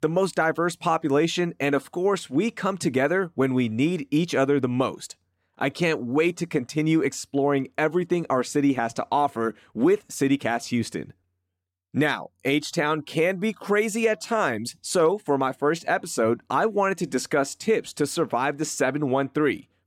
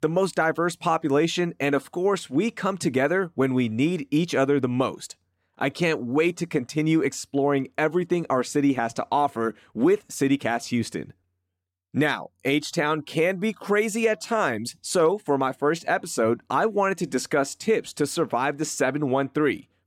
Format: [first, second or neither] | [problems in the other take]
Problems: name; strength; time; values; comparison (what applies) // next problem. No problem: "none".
neither | none